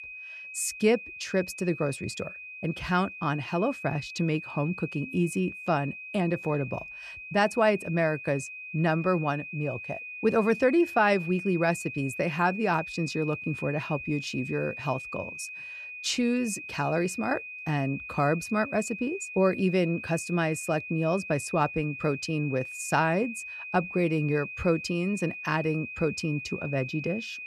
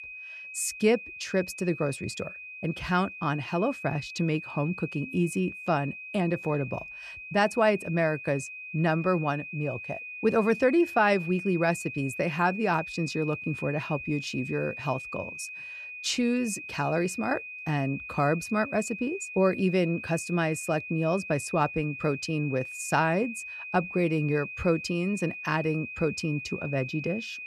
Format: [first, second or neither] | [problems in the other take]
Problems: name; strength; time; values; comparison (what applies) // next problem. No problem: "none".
neither | high-pitched whine; loud; throughout; 2.5 kHz, 9 dB below the speech; the same in both